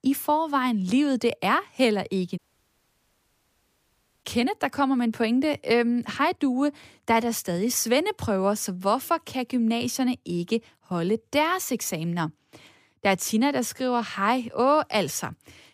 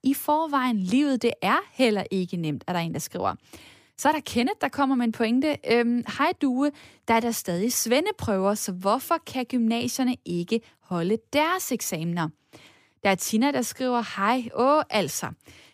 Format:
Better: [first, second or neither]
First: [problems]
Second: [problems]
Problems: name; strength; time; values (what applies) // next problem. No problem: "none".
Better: second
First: audio cutting out; at 2.5 s for 2 s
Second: none